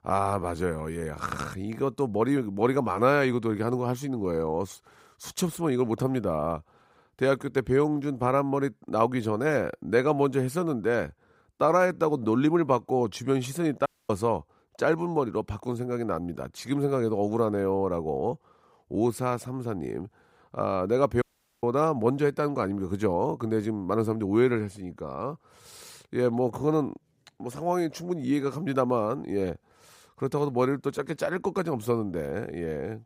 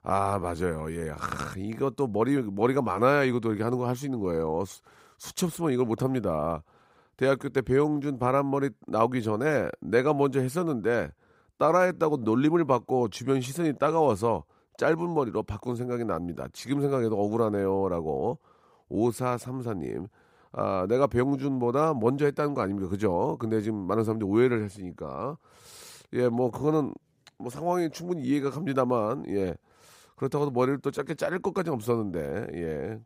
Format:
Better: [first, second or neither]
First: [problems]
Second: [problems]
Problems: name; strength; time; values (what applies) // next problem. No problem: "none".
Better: second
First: audio cutting out; at 14 s and at 21 s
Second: none